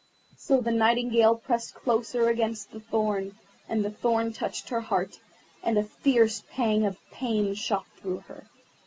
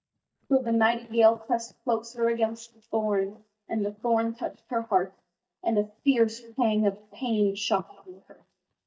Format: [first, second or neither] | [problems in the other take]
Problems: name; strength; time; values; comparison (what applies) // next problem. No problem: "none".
first | noise reduction (neural mask model DeepFilterNet 3)